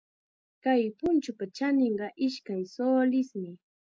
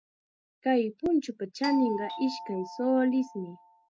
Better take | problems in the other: first | background sound (Doorbell); 10 dB below the speech

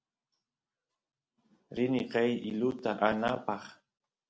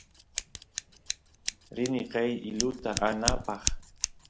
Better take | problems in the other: first | background sound (Scissors); 2 dB below the speech

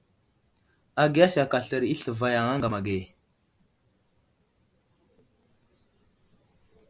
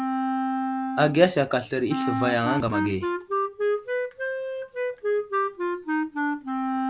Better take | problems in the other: first | background sound (Wind instrument, woodwind instrument); 1 dB above the speech

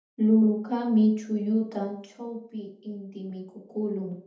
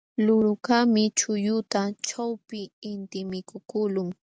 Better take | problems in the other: second | room echo; dies away in 0.6 s

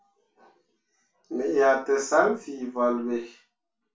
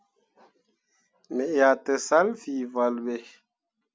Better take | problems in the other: second | room echo; dies away in 0.3 s

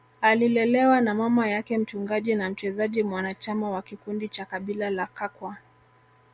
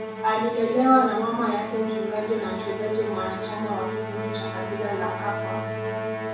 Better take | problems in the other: first | background sound (Musical instrument); 5 dB below the speech // room echo; dies away in 0.7 s

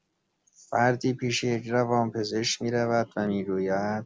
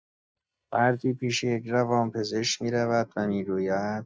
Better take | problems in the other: first | noise reduction (neural mask model DeepFilterNet 3)

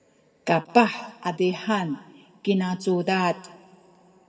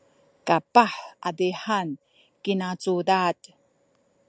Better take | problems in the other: second | room echo; dies away in 1.2 s

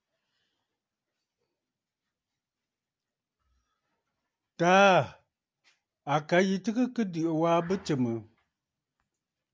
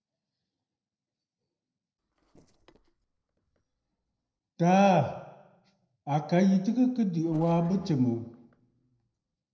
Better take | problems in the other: first | noise reduction (neural separator model SepFormer DNS4)

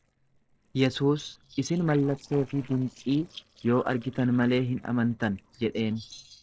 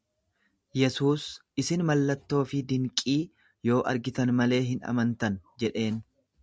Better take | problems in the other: second | noise reduction (neural separator model SepFormer DNS4)

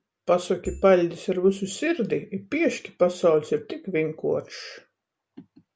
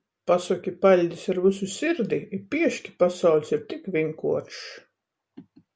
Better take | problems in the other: second | background sound (Marimba, xylophone / Wood); 14 dB below the speech

